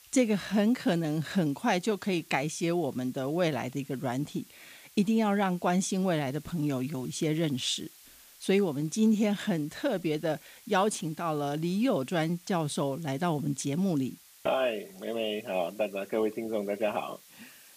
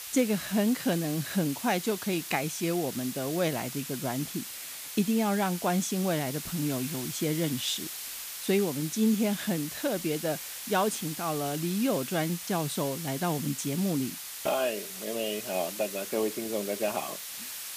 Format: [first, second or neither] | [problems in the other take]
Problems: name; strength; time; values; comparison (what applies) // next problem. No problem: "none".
first | hiss; loud; throughout; 7 dB below the speech; faint in the first